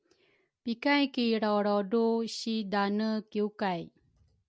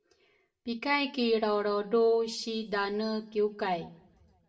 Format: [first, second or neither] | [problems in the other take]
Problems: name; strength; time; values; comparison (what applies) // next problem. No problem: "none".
first | room echo; dies away in 0.7 s